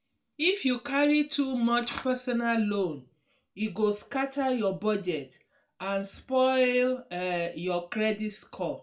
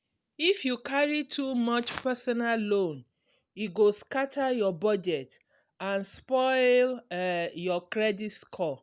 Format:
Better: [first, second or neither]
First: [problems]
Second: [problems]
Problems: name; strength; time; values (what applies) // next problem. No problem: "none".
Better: second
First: room echo; dies away in 0.2 s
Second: none